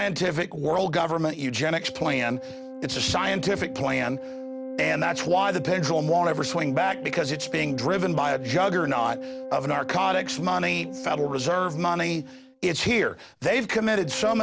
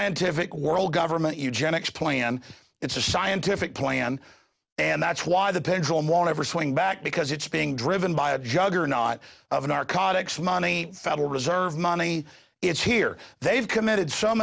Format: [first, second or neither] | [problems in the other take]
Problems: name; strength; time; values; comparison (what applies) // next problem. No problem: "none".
second | background sound (Organ); 11 dB below the speech